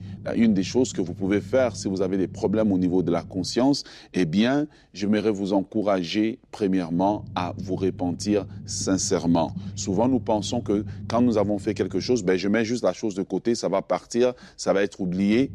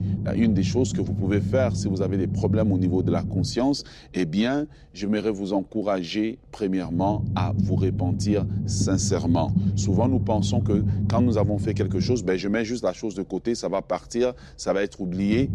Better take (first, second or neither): first